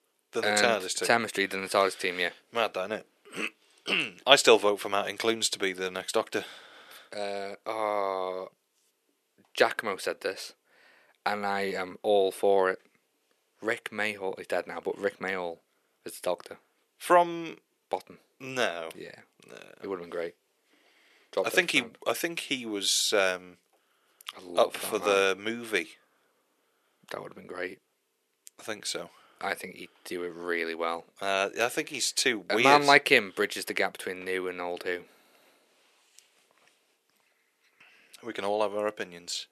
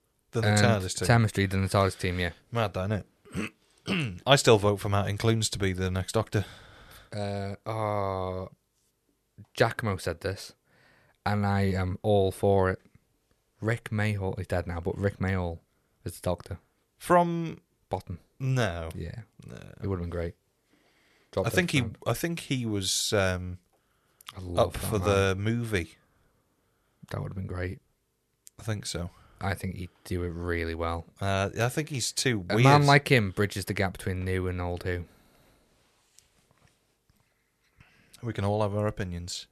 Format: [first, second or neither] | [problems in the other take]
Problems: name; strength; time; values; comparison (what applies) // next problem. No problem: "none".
second | thin; somewhat; fading below 300 Hz